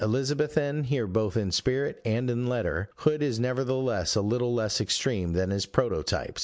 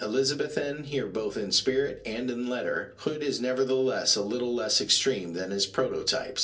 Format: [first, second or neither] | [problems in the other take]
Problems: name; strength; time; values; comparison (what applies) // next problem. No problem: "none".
first | room echo; dies away in 0.3 s